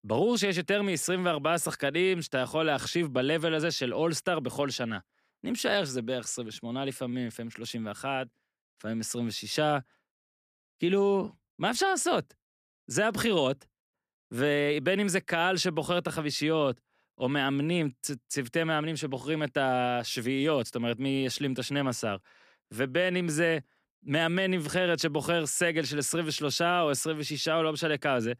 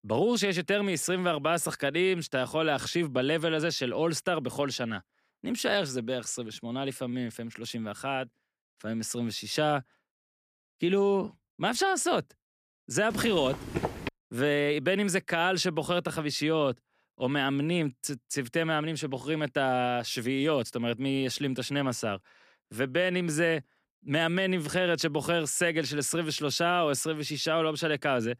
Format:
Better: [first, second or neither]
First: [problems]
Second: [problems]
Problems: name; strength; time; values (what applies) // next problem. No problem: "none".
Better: first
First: none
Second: footsteps; noticeable; at 13 s; peak 5 dB below the speech